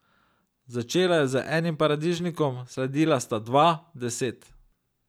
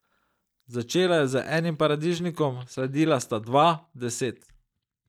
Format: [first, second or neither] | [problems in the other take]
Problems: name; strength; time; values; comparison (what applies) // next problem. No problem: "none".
first | noise reduction (neural mask model DeepFilterNet 3)